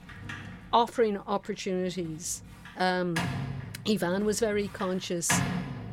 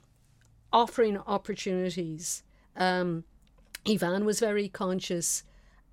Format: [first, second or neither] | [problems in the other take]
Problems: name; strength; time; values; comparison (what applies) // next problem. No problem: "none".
second | household noises; loud; throughout; 6 dB below the speech